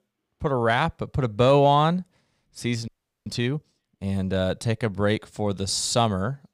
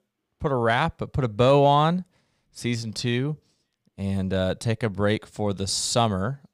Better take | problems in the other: second | audio freezing; at 3 s

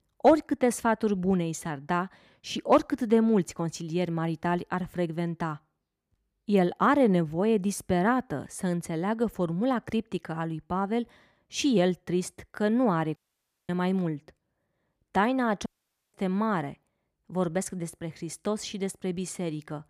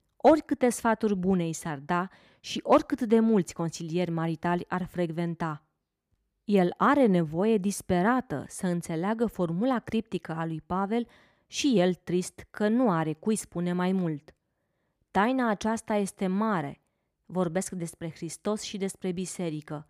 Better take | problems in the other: second | audio cutting out; at 13 s for 0.5 s and at 16 s

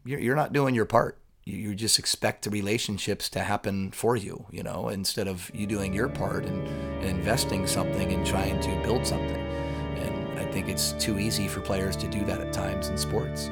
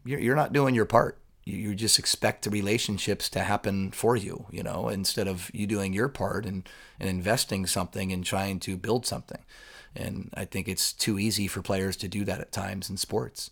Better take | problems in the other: second | background music; loud; from 5.5 s on; 3 dB below the speech

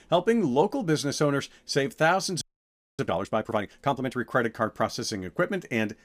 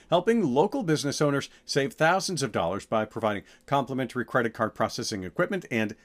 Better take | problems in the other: second | audio freezing; at 2.5 s for 0.5 s

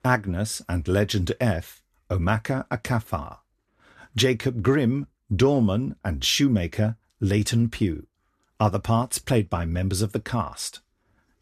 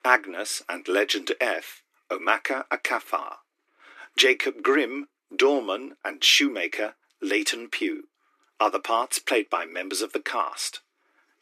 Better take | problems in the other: first | thin; very; fading below 300 Hz

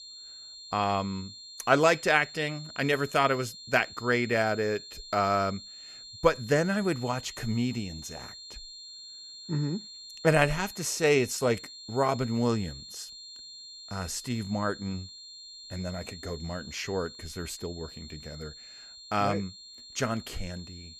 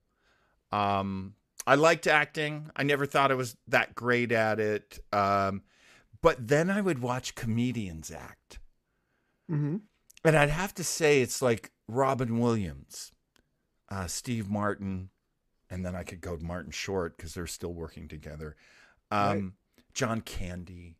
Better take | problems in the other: second | high-pitched whine; noticeable; throughout; 4 kHz, 15 dB below the speech

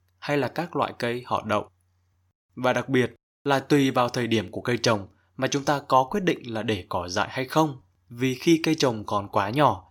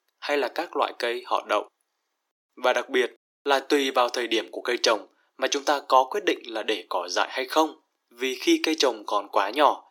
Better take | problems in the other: first | thin; somewhat; fading below 300 Hz

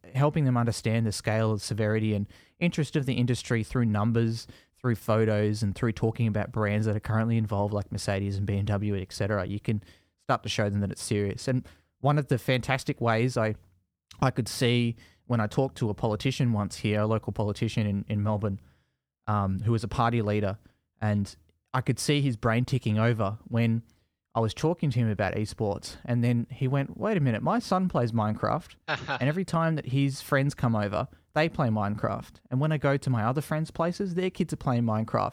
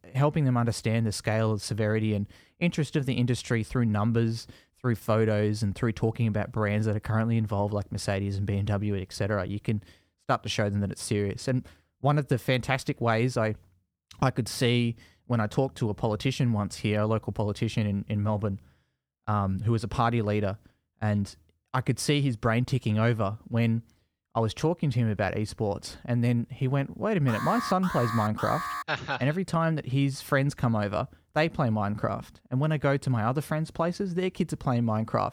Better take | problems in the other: first | alarm; noticeable; from 27 to 29 s; peak 5 dB below the speech

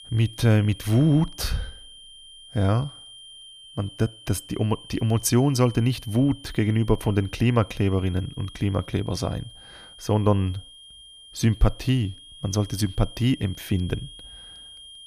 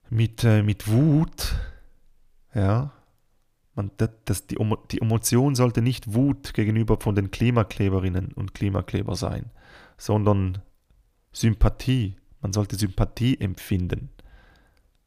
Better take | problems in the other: second | high-pitched whine; noticeable; throughout; 3 kHz, 20 dB below the speech

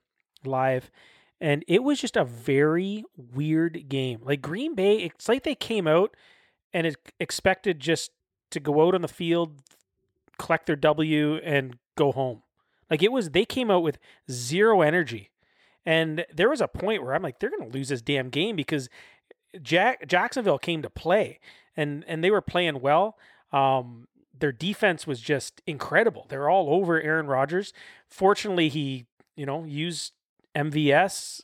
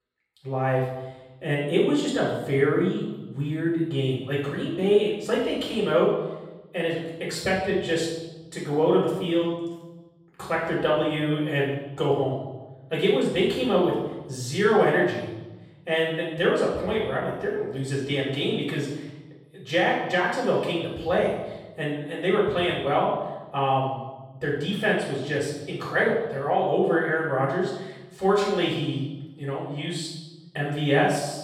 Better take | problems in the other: first | room echo; noticeable; dies away in 1 s // off-mic speech; far

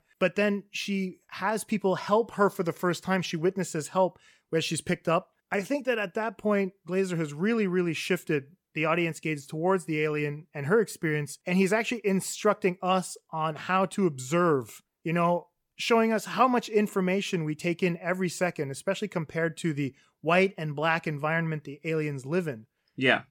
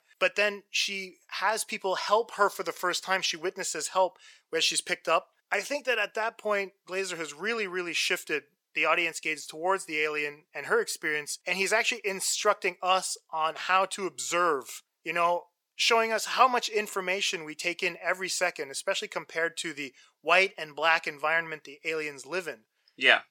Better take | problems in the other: first | thin; very; fading below 600 Hz

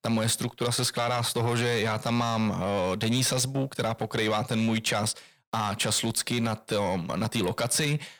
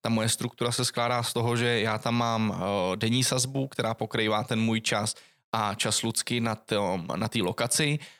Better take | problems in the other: second | distortion; slight; 10 dB below the speech

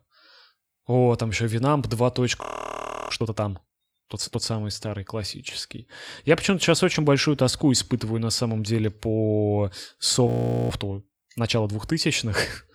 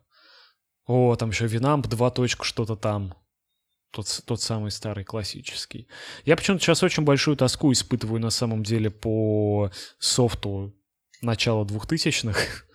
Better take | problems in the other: second | audio freezing; at 2.5 s for 0.5 s and at 10 s

